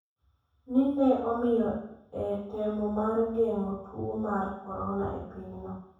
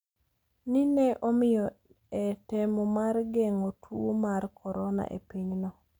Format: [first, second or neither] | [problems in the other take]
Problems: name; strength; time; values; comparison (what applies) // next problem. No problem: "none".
second | room echo; dies away in 0.7 s